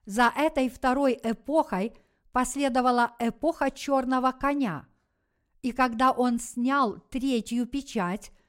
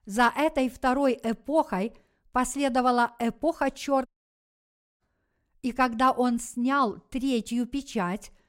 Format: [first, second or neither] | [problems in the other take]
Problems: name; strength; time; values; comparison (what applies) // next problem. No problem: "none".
first | audio cutting out; at 4 s for 1 s